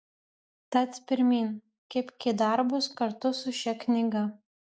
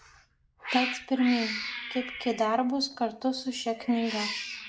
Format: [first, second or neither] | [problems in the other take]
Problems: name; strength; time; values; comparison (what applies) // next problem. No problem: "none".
first | background sound (Cat); 8 dB below the speech // room echo; dies away in 0.4 s